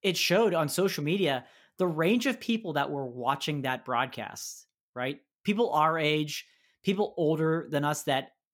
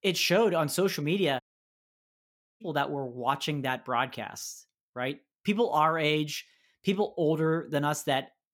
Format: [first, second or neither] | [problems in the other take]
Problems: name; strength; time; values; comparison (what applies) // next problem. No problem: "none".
first | audio cutting out; at 1.5 s for 1 s